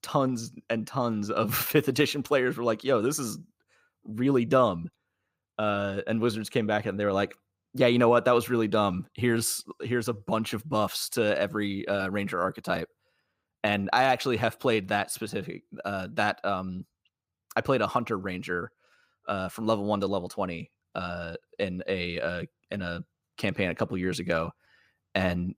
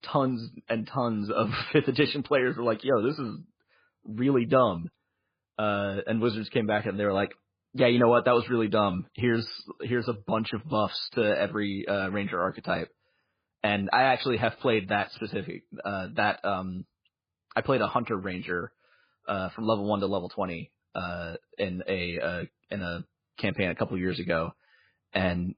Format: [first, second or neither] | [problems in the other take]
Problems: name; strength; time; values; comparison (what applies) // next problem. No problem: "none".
first | garbled, watery; badly; nothing above 4 kHz